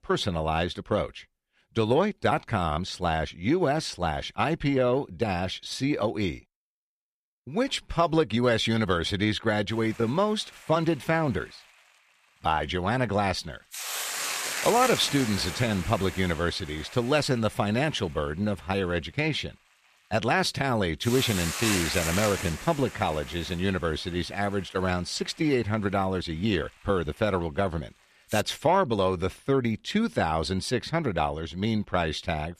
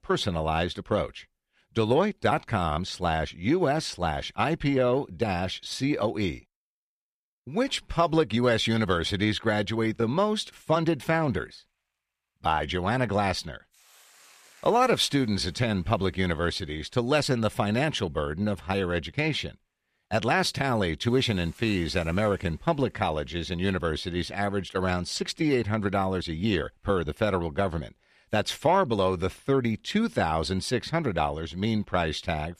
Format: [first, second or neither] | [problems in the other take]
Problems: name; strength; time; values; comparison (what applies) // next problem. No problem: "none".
second | hiss; loud; from 9.5 to 28 s; 6 dB below the speech; faint in the second